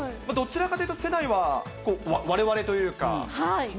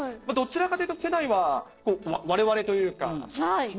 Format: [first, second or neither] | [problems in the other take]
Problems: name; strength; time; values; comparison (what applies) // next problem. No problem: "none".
first | noise reduction (neural separator model SepFormer DNS4)